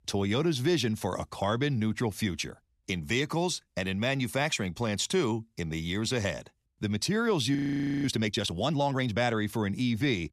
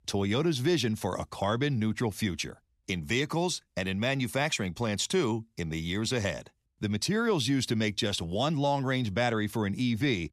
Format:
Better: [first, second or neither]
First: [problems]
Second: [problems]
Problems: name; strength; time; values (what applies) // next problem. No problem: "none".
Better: second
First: audio freezing; at 7.5 s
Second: none